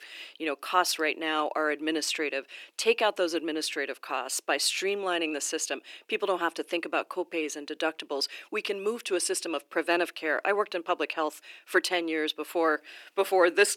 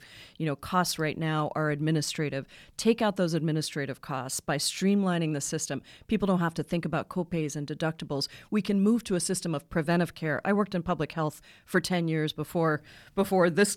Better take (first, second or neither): second